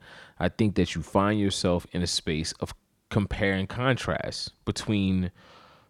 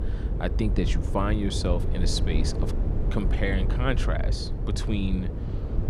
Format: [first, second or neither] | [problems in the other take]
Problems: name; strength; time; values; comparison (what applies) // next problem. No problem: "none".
first | wind noise on the microphone; heavy; 7 dB below the speech